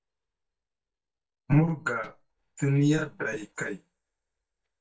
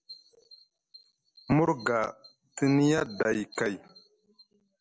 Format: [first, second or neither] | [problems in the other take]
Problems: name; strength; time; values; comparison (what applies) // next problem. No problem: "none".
second | noise reduction (neural mask model DeepFilterNet 3)